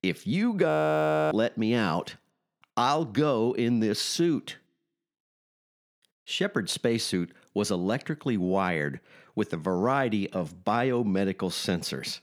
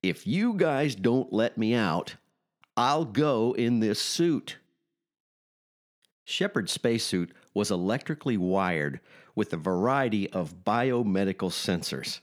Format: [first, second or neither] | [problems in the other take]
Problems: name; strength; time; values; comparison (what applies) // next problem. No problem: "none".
second | audio freezing; at 0.5 s for 0.5 s